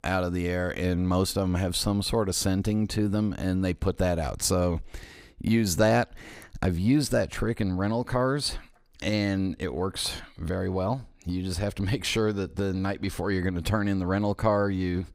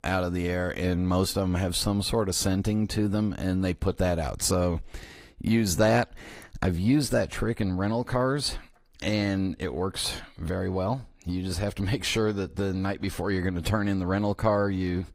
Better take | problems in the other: first | garbled, watery; slightly; nothing above 15.5 kHz

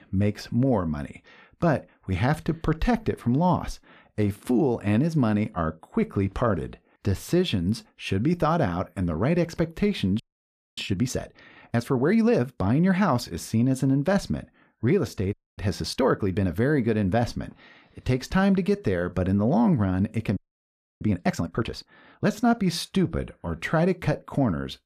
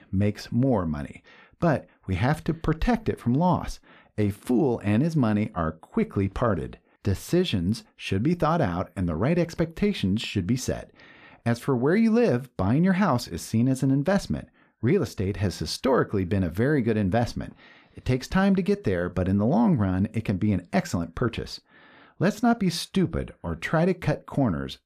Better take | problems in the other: second | audio freezing; at 10 s for 0.5 s, at 15 s and at 20 s for 0.5 s

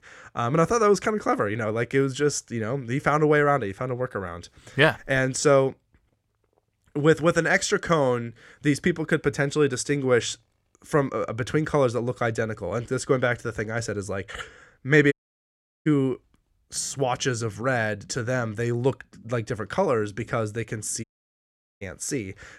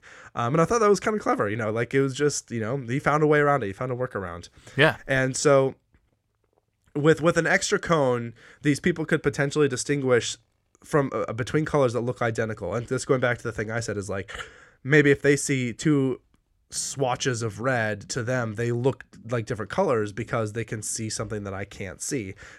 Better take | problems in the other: second | audio cutting out; at 15 s for 0.5 s and at 21 s for 1 s

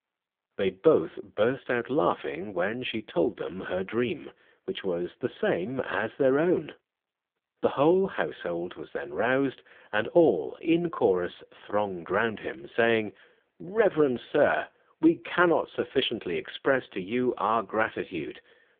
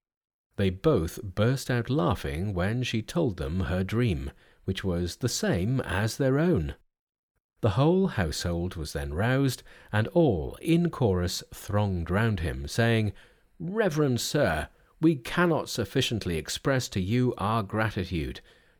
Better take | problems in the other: second | phone-call audio; poor line; nothing above 3.5 kHz

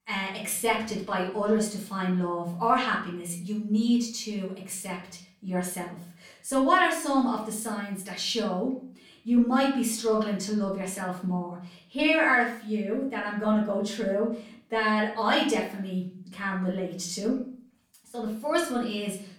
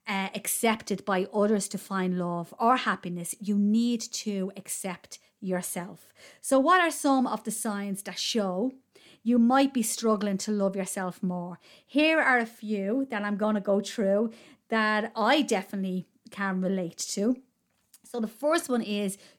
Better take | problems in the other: second | off-mic speech; far // room echo; slight; dies away in 0.5 s

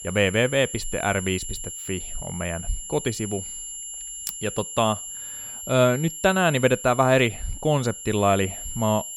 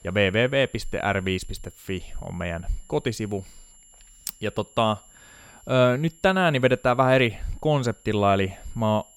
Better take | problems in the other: second | high-pitched whine; loud; throughout; 7.5 kHz, 9 dB below the speech; faint in the second

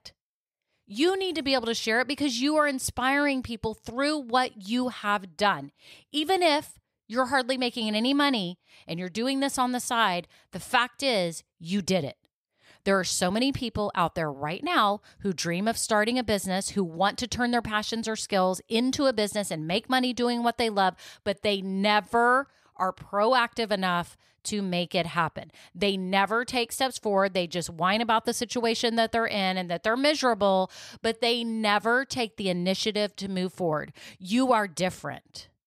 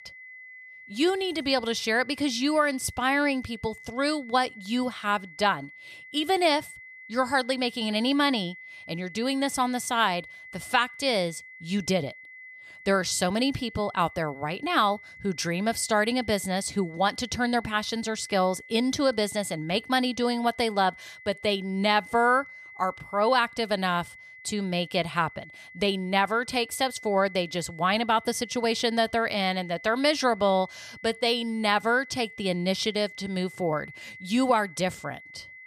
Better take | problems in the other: first | high-pitched whine; noticeable; throughout; 2 kHz, 20 dB below the speech

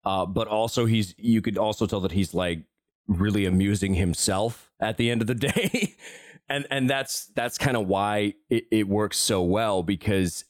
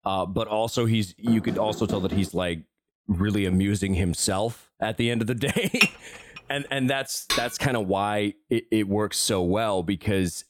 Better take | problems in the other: first | door banging; noticeable; from 1.5 to 2.5 s; peak 8 dB below the speech // clattering dishes; loud; at 6 s; peak 3 dB above the speech // clattering dishes; noticeable; at 7.5 s; peak 2 dB below the speech

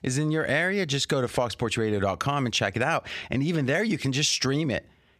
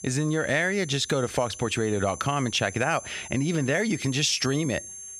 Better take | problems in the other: first | high-pitched whine; noticeable; throughout; 6.5 kHz, 15 dB below the speech

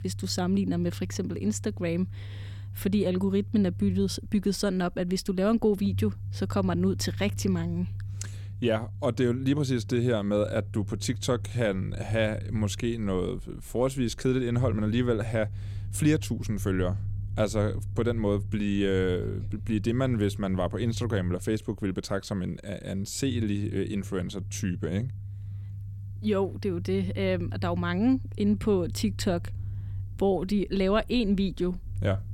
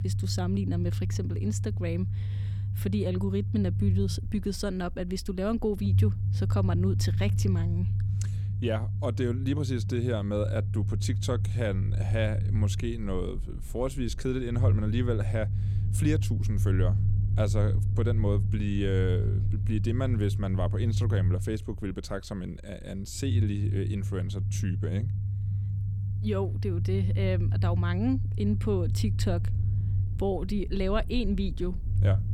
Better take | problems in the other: first | low rumble; loud; throughout; 8 dB below the speech; faint in the first

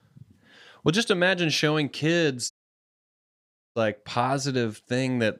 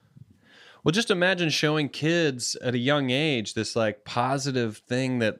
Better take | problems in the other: second | audio cutting out; at 2.5 s for 1.5 s

